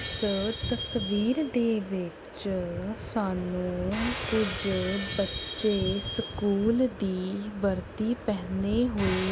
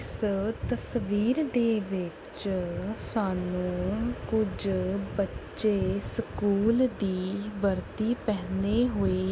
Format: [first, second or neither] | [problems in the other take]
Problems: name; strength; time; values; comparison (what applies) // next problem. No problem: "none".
second | background sound (Shatter); 11 dB below the speech